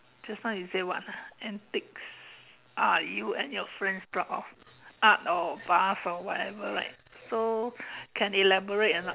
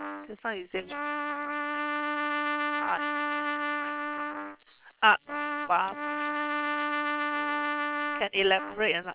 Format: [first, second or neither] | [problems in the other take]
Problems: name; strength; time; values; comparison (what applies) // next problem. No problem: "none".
first | noise reduction (neural separator model SepFormer WHAM!)